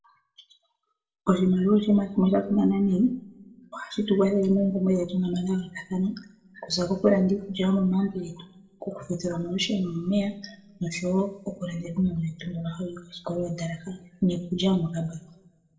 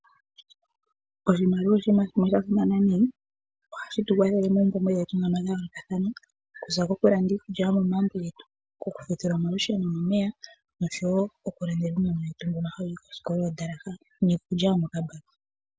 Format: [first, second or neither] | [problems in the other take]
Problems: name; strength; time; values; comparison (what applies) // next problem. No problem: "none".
second | room echo; dies away in 0.5 s